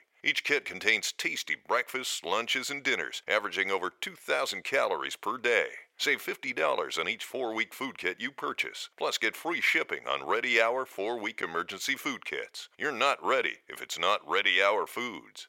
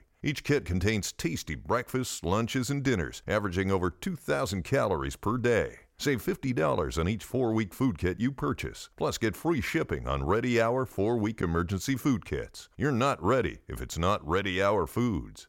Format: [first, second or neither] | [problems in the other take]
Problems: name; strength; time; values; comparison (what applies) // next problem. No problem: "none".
second | thin; very; fading below 550 Hz